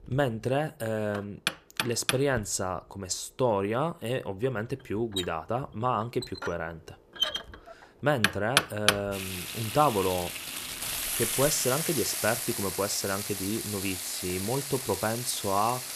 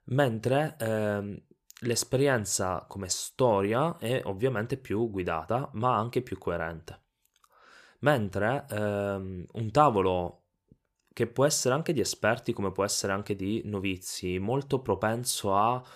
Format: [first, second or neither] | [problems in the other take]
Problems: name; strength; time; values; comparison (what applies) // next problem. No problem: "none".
second | household noises; loud; throughout; 1 dB below the speech